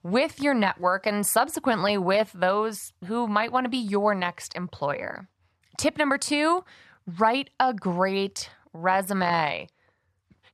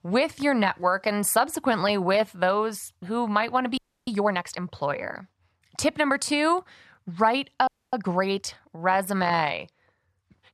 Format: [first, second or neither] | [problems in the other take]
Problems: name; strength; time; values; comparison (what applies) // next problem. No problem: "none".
first | audio freezing; at 4 s and at 7.5 s